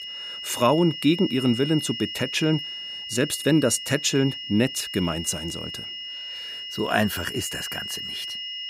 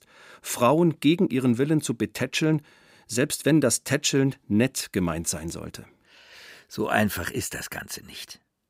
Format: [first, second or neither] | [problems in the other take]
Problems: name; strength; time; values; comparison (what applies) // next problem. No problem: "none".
second | high-pitched whine; loud; throughout; 3 kHz, 8 dB below the speech